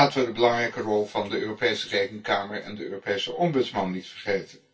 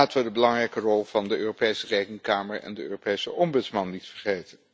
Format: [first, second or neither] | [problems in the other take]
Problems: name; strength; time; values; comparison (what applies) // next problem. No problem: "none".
second | room echo; dies away in 0.2 s